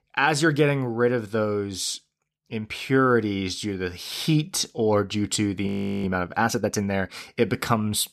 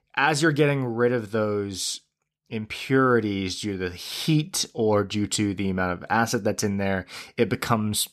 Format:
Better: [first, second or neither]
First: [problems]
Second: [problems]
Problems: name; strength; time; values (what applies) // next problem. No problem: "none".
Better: second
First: audio freezing; at 5.5 s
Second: none